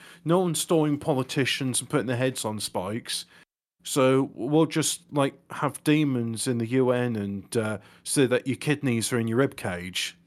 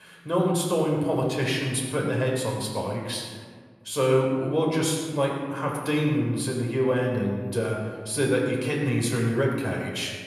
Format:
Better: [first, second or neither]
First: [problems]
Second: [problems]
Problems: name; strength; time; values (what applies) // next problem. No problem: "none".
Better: first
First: none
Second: off-mic speech; somewhat distant // room echo; noticeable; dies away in 1.3 s